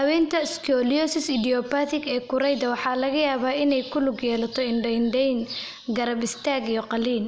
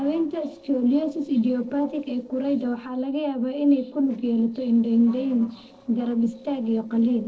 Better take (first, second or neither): first